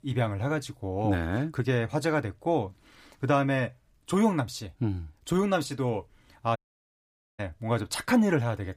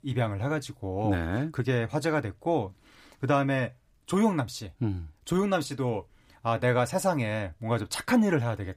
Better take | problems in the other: second | audio cutting out; at 6.5 s for 1 s

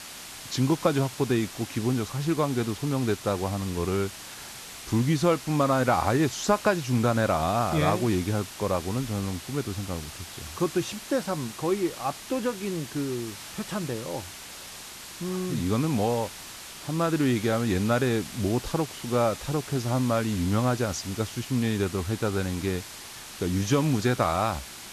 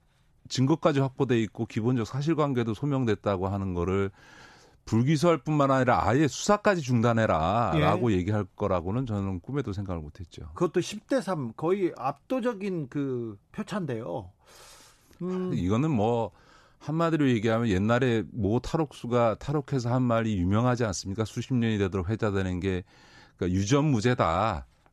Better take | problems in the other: second | hiss; noticeable; throughout; 10 dB below the speech

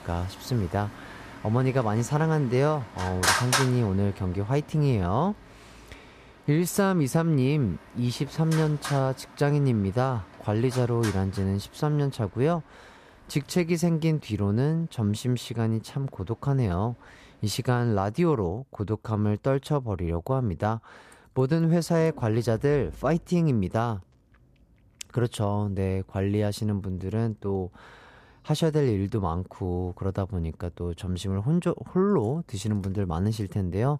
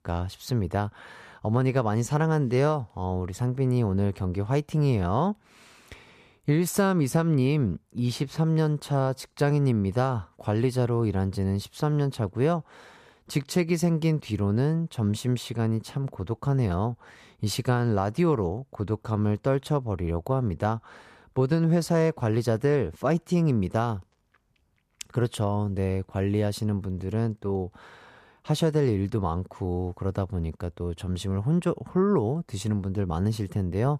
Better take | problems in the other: second | traffic noise; loud; throughout; 8 dB below the speech

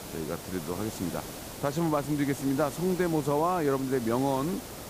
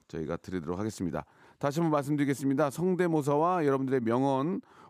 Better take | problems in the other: second | hiss; noticeable; throughout; 10 dB below the speech

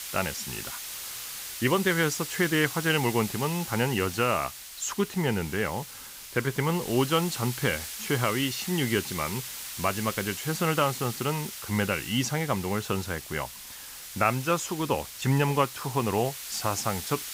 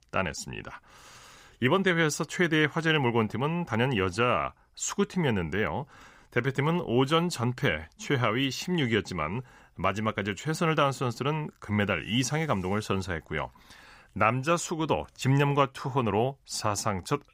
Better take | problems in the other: second | hiss; loud; throughout; 8 dB below the speech

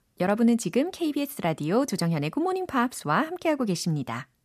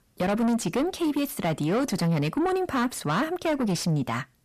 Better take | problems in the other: first | distortion; heavy; 7 dB below the speech

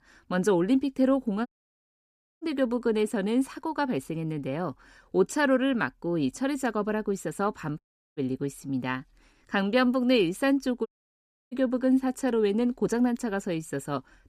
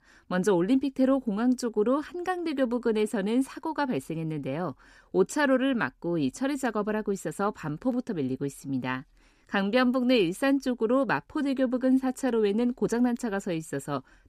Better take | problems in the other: second | audio cutting out; at 1.5 s for 1 s, at 8 s and at 11 s for 0.5 s

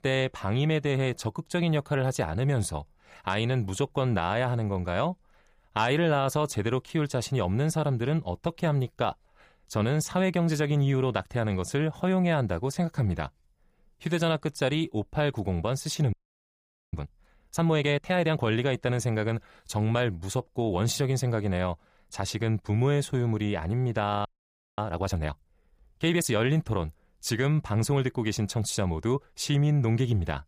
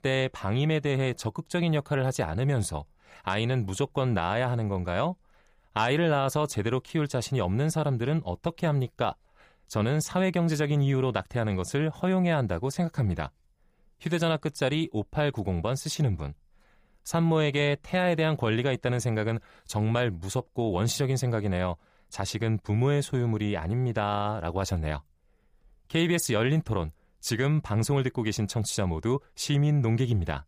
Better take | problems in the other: second | audio freezing; at 16 s for 1 s and at 24 s for 0.5 s

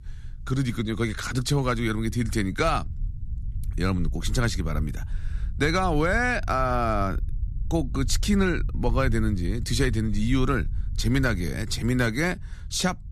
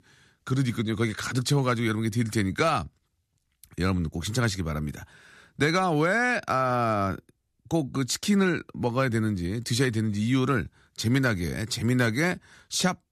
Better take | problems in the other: second | low rumble; faint; throughout; 25 dB below the speech

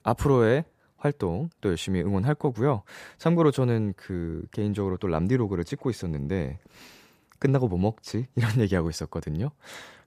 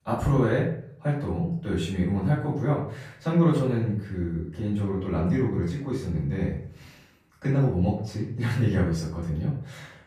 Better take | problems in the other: first | off-mic speech; far // room echo; noticeable; dies away in 0.5 s

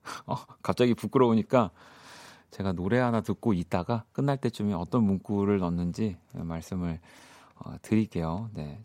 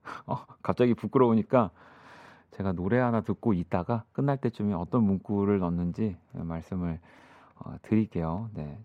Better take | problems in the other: first | muffled; slightly; fading above 3.5 kHz

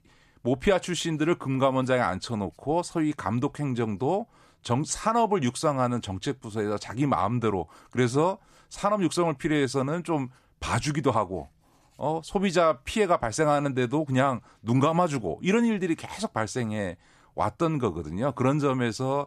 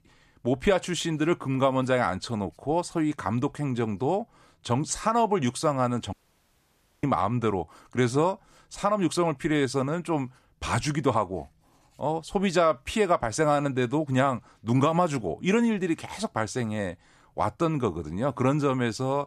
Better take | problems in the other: first | audio cutting out; at 6 s for 1 s

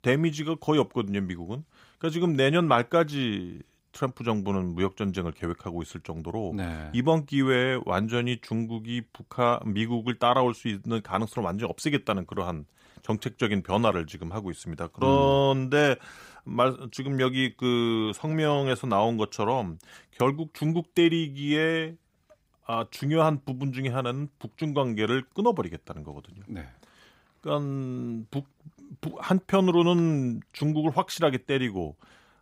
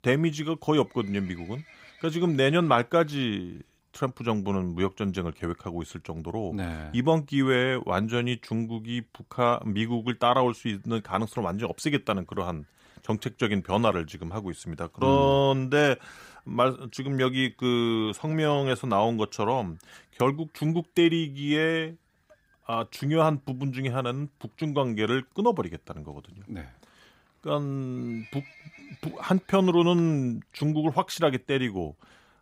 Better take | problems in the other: first | animal sounds; faint; throughout; 30 dB below the speech

